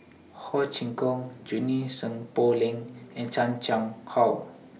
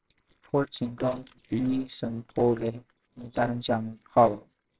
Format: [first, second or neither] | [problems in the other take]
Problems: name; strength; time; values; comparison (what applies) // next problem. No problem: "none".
first | noise reduction (neural separator model SepFormer WHAMR!)